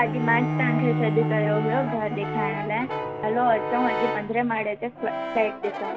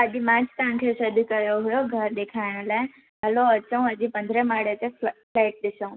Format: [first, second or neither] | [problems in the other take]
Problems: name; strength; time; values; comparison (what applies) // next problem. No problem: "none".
second | background sound (Bowed string instrument + Brass instrument); 2 dB below the speech